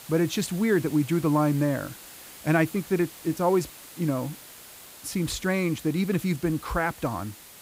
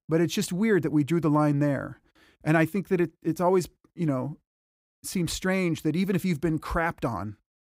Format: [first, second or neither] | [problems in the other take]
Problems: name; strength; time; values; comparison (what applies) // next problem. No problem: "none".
second | hiss; noticeable; throughout; 15 dB below the speech